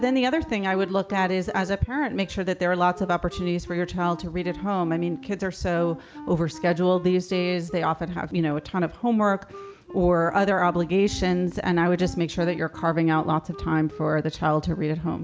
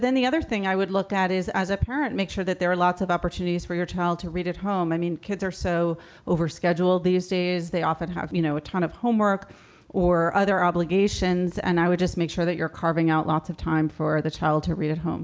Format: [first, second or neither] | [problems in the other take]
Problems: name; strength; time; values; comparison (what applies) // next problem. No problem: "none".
second | background sound (Wind instrument, woodwind instrument); 18 dB below the speech